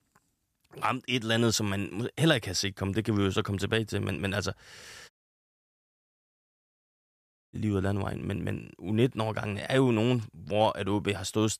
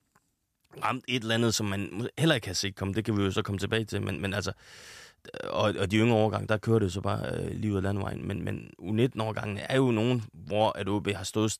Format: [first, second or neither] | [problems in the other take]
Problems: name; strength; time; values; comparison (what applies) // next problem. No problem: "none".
second | audio cutting out; at 5 s for 2.5 s